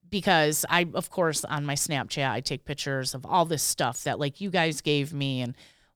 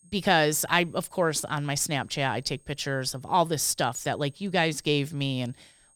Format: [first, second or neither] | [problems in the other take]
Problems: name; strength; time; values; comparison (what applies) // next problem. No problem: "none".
first | high-pitched whine; faint; throughout; 8.5 kHz, 30 dB below the speech